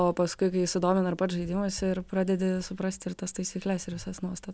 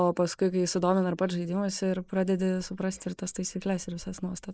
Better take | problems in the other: first | noise reduction (neural mask model Resemble Enhance denoiser)

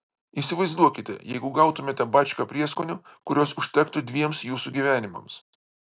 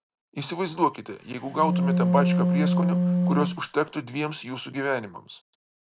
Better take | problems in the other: first | background sound (Wind instrument, woodwind instrument); 5 dB above the speech

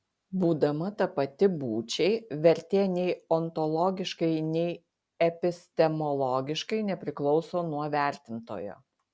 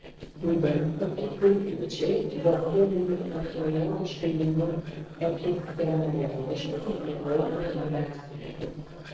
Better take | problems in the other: first | noise reduction (neural separator model SepFormer DNS4)

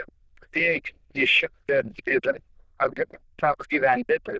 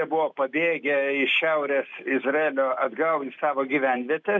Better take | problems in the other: second | noise reduction (neural diffusion model UNIVERSE++)

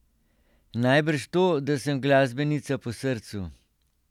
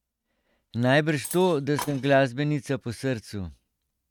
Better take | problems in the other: first | noise reduction (neural mask model RNNoise)

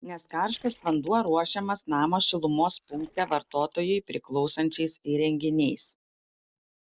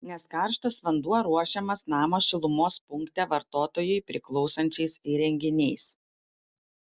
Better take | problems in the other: second | noise reduction (neural separator model SepFormer DNS4)

